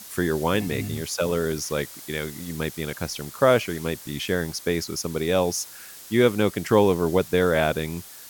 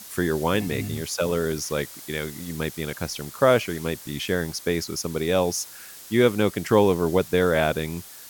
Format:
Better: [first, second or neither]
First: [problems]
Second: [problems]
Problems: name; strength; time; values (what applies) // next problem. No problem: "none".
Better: neither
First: hiss; noticeable; throughout; 15 dB below the speech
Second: hiss; noticeable; throughout; 15 dB below the speech